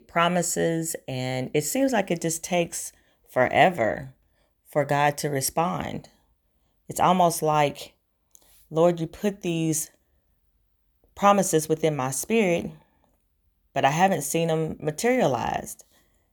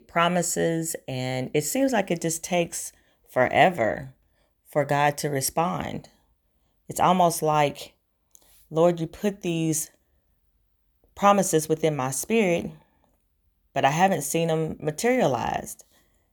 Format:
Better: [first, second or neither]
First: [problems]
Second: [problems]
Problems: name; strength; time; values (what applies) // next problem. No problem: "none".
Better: neither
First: none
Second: none